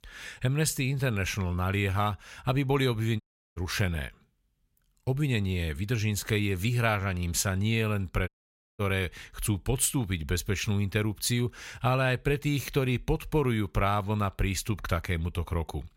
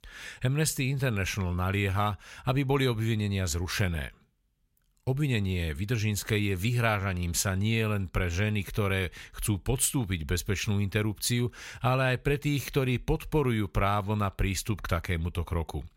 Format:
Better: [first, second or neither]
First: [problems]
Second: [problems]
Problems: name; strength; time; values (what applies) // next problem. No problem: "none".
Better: second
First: audio cutting out; at 3 s and at 8.5 s for 0.5 s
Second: none